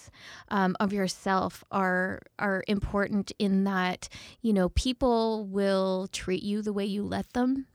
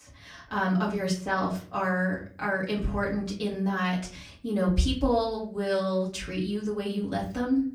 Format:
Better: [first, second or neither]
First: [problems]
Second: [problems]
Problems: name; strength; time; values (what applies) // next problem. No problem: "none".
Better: first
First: none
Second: off-mic speech; far // room echo; slight; dies away in 0.4 s